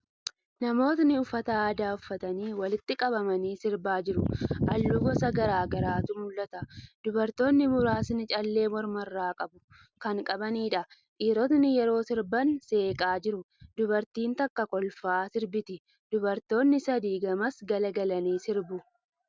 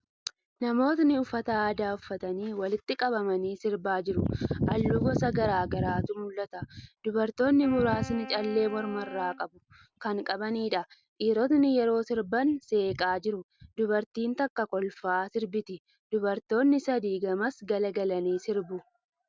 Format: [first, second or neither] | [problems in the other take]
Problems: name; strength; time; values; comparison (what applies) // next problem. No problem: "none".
first | background sound (Wind instrument, woodwind instrument); 16 dB below the speech